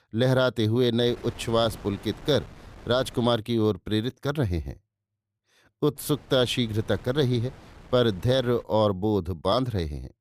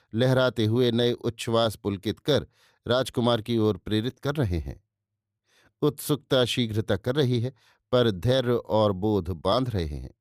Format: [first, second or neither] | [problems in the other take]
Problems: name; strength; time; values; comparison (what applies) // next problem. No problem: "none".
second | wind noise on the microphone; occasional gusts; from 1 to 3.5 s and from 6 to 8.5 s; 20 dB below the speech